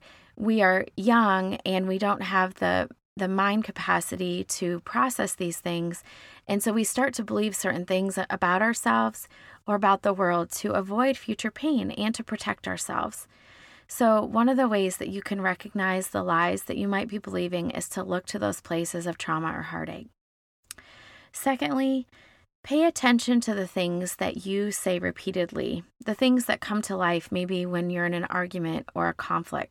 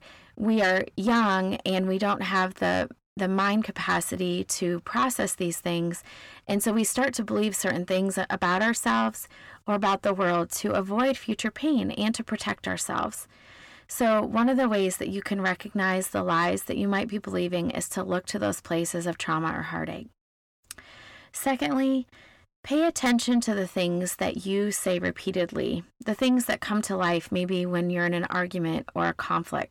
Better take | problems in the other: first | distortion; slight; 10 dB below the speech

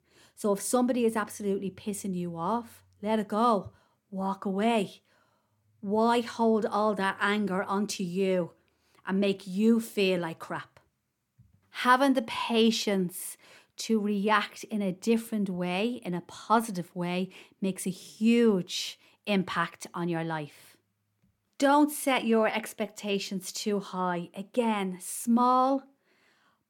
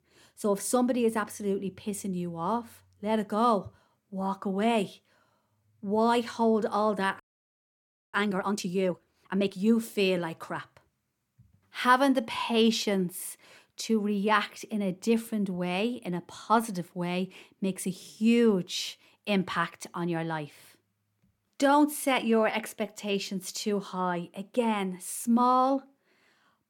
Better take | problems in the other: first | audio freezing; at 7 s for 1 s

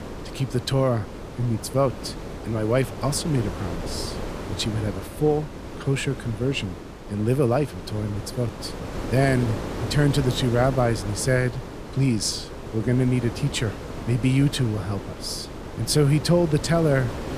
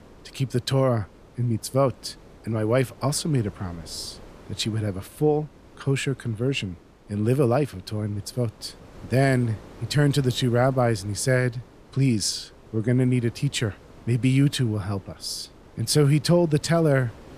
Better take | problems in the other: second | wind noise on the microphone; heavy; 9 dB below the speech; occasional gusts in the second

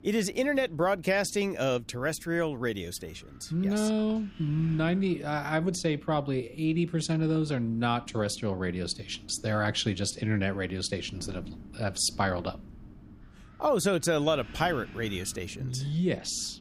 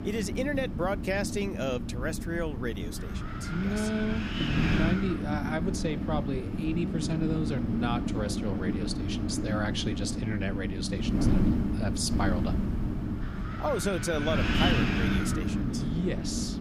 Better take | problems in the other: first | wind noise on the microphone; heavy; 2 dB below the speech; occasional gusts in the first

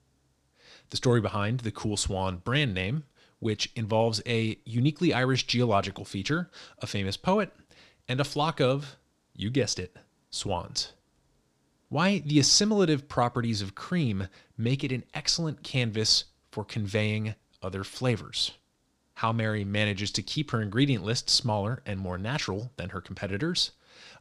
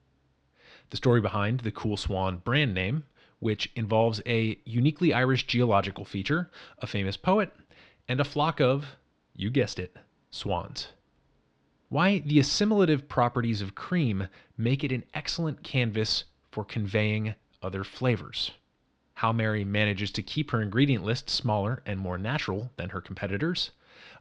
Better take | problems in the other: first | muffled; slightly; fading above 3 kHz

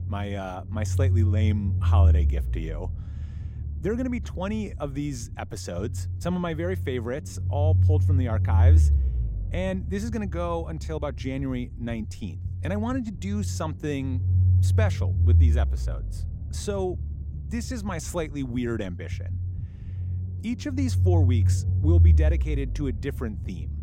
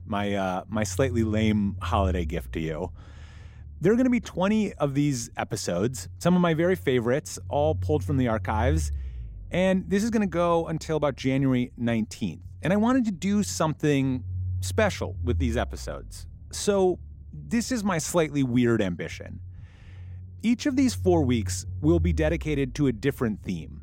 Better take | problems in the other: second | low rumble; loud; throughout; 8 dB below the speech; faint in the second

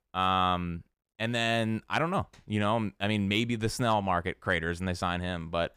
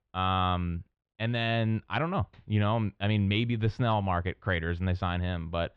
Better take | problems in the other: first | muffled; slightly; fading above 3.5 kHz

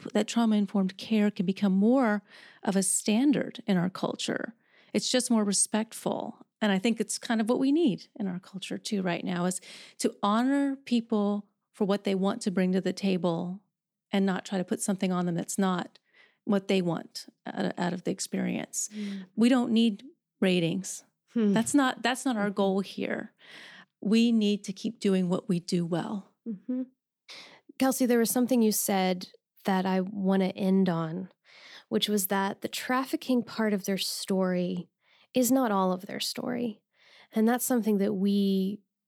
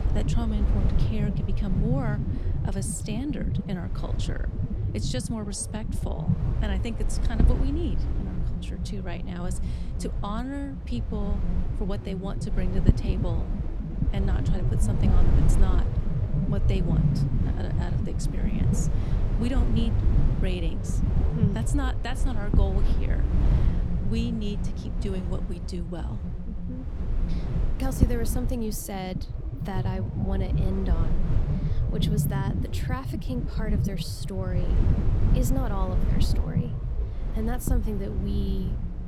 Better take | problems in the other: first | low rumble; loud; throughout; 2 dB below the speech

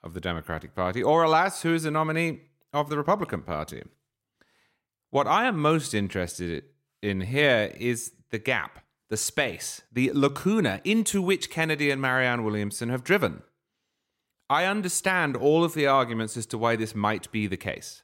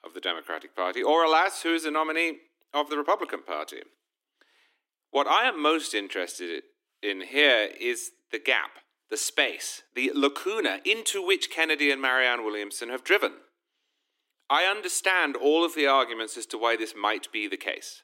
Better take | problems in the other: first | thin; somewhat; fading below 300 Hz

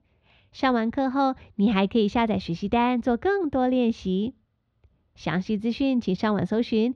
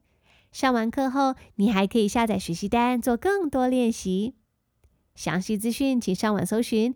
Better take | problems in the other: second | muffled; very slightly; fading above 4 kHz

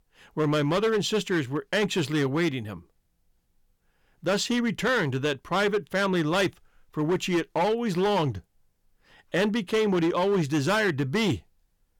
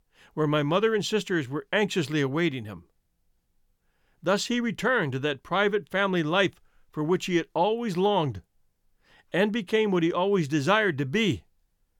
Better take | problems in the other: second | distortion; slight; 10% of the sound clipped

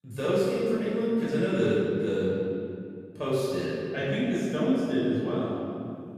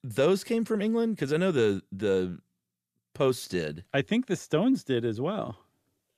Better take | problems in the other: second | off-mic speech; far // room echo; strong; dies away in 2.3 s

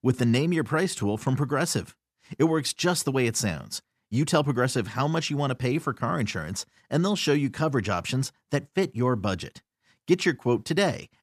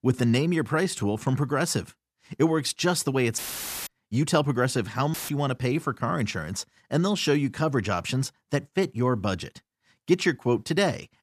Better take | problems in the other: first | audio cutting out; filled with static; at 3.5 s and at 5 s

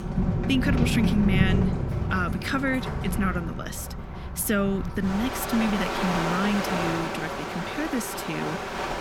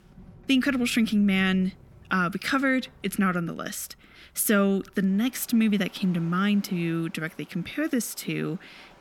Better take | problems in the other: second | rain or running water; loud; throughout; 1 dB below the speech; faint in the second

